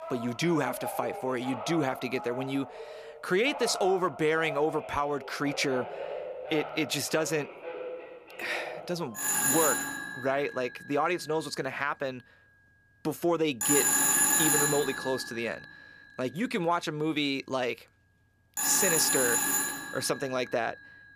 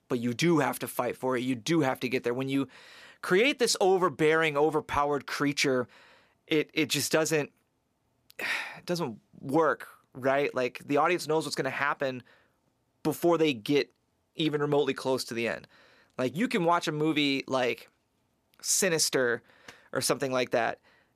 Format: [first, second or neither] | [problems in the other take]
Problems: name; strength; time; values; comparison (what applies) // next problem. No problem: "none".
second | alarms or sirens; very loud; throughout; 2 dB above the speech